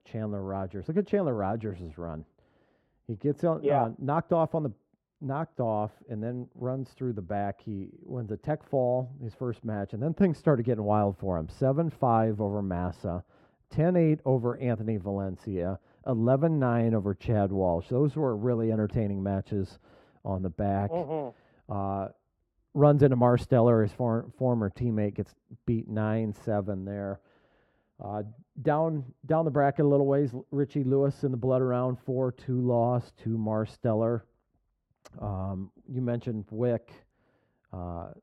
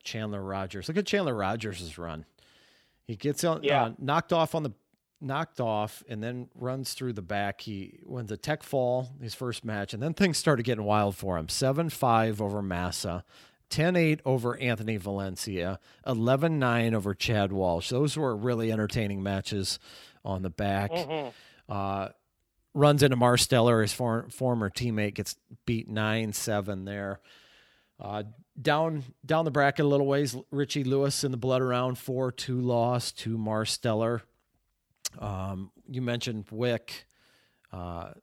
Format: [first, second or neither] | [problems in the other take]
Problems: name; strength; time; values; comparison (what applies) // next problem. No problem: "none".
second | muffled; very; fading above 2 kHz